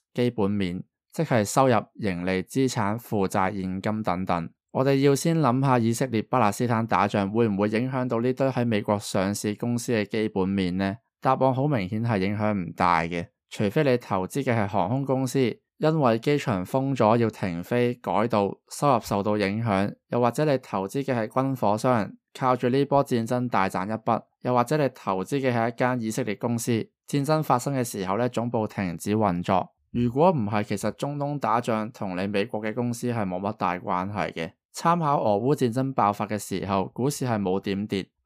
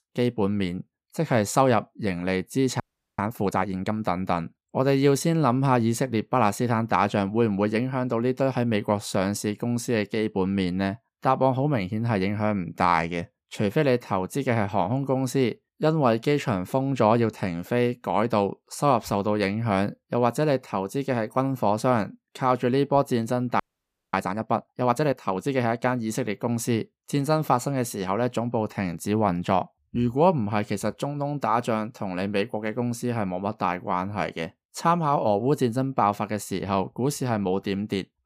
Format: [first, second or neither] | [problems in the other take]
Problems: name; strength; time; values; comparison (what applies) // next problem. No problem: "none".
first | audio freezing; at 3 s and at 24 s for 0.5 s